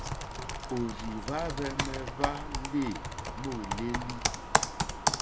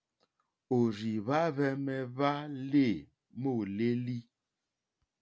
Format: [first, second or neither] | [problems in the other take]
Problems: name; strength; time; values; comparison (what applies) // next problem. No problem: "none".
second | background sound (Computer keyboard); 4 dB above the speech